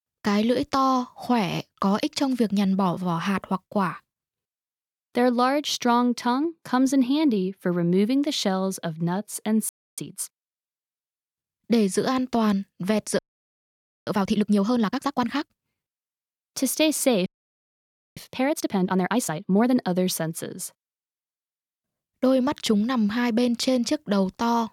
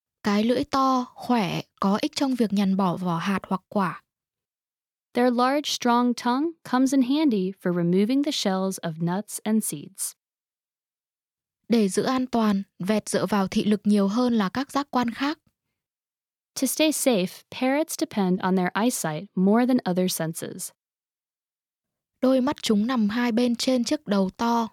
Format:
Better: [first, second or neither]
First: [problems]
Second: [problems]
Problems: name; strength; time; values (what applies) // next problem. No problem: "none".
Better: second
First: audio freezing; at 9.5 s, at 13 s for 1 s and at 17 s for 1 s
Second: none